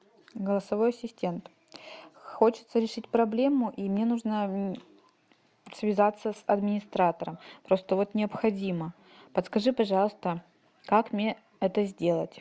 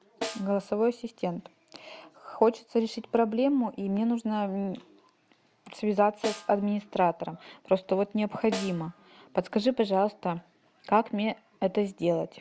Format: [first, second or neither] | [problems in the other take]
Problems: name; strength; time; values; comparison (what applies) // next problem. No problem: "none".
first | background sound (Snare drum); 13 dB below the speech